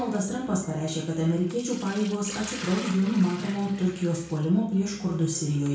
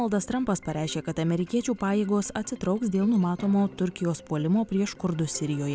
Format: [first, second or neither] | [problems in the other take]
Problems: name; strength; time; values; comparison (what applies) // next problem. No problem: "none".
second | background sound (Liquid); 18 dB below the speech // room echo; dies away in 0.5 s